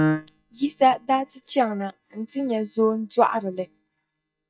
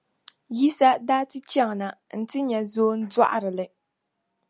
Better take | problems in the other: second | noise reduction (neural mask model DeepFilterNet 3)

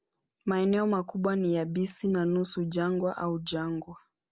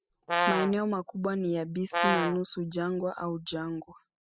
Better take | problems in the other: first | noise reduction (classical method spectral subtraction)

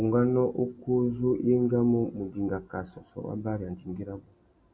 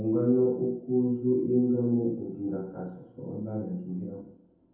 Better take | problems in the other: first | room echo; dies away in 0.7 s

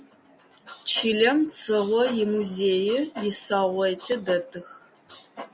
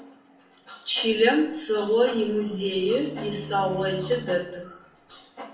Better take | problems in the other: first | background sound (Bowed string instrument); 15 dB below the speech // room echo; dies away in 0.6 s

